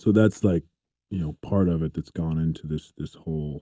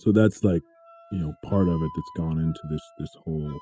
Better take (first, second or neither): first